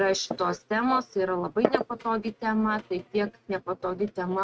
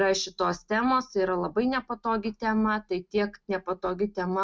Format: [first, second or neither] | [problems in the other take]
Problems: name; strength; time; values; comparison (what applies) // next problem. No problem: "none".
second | noise reduction (neural mask model RNNoise)